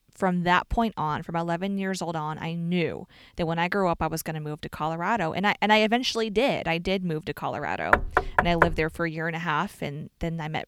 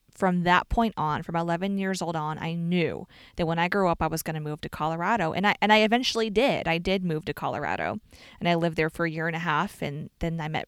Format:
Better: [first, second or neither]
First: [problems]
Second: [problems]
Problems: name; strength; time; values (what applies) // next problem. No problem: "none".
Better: second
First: door banging; loud; at 8 s; peak 4 dB above the speech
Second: none